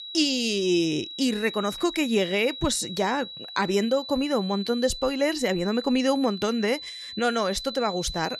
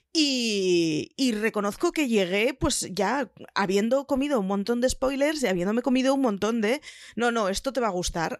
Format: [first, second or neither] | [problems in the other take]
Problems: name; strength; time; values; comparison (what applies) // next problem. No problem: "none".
second | high-pitched whine; noticeable; throughout; 4 kHz, 10 dB below the speech